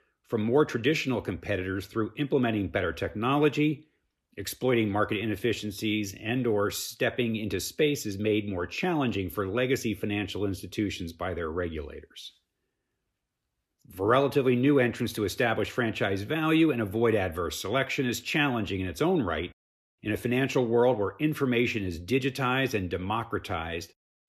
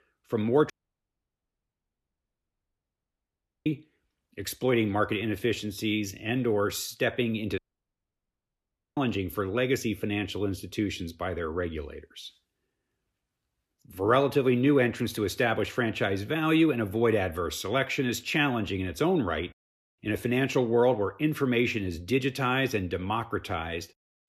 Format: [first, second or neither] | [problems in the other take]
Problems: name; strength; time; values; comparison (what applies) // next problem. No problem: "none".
first | audio cutting out; at 0.5 s for 3 s and at 7.5 s for 1.5 s